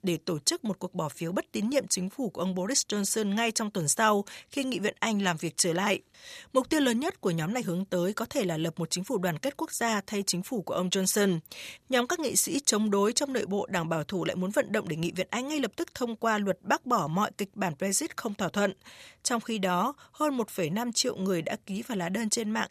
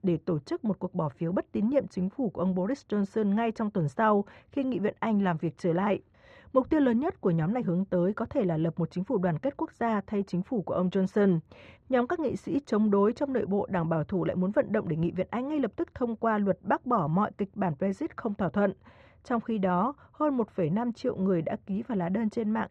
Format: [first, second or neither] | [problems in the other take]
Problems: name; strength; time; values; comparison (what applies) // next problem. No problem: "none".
first | muffled; very; fading above 1 kHz